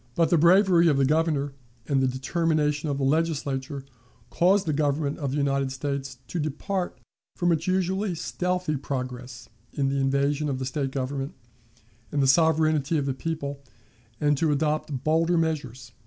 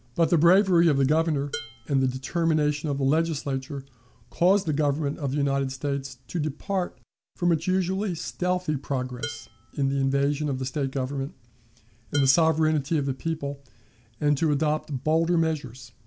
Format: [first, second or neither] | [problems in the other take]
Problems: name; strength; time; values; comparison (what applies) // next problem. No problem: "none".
first | background sound (Dishes, pots, and pans); 16 dB below the speech